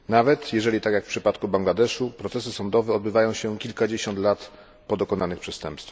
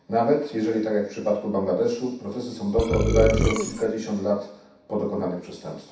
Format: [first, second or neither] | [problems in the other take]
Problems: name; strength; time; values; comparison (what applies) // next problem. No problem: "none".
first | background sound (Burping, eructation); 2 dB above the speech // room echo; dies away in 0.7 s